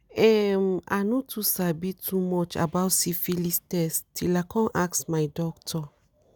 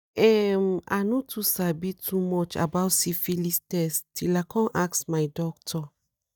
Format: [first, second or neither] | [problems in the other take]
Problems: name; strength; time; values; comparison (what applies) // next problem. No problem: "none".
first | noise reduction (neural mask model DeepFilterNet 3)